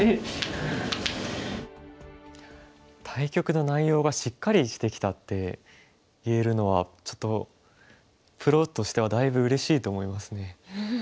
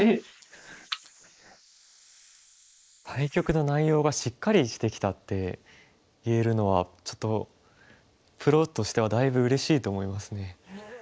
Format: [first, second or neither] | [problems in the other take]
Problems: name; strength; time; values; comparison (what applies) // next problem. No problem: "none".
first | noise reduction (neural mask model Resemble Enhance denoiser)